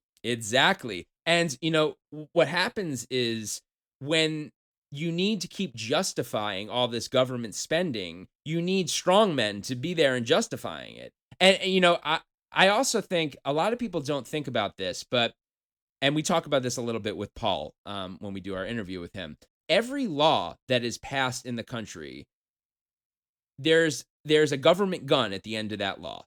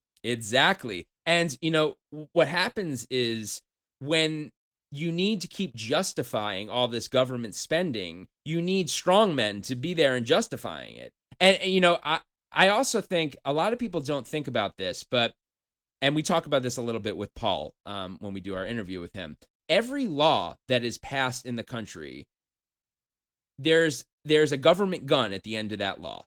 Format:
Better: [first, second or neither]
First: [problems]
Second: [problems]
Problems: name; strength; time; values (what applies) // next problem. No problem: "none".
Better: first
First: none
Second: garbled, watery; slightly; nothing above 18.5 kHz